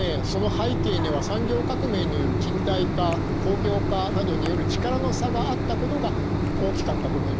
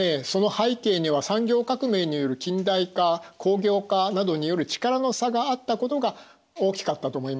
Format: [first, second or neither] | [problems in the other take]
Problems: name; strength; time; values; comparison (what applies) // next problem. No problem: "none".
second | background sound (Mechanisms); 4 dB above the speech